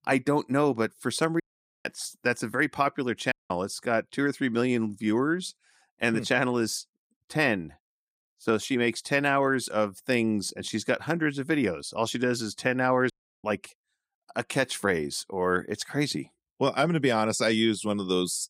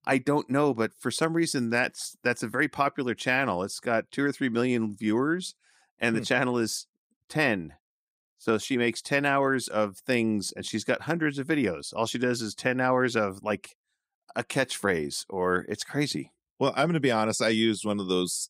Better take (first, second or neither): second